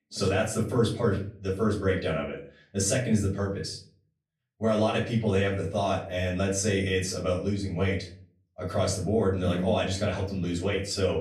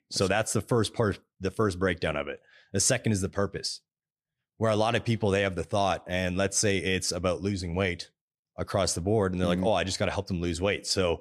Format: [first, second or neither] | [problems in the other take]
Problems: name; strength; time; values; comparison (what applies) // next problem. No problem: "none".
second | off-mic speech; far // room echo; slight; dies away in 0.4 s